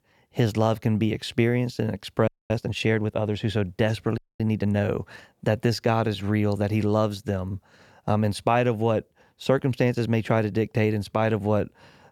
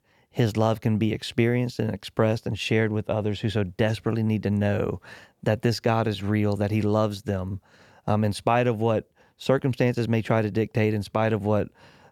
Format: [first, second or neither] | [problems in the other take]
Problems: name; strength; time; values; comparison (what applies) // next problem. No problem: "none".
second | audio freezing; at 2.5 s and at 4 s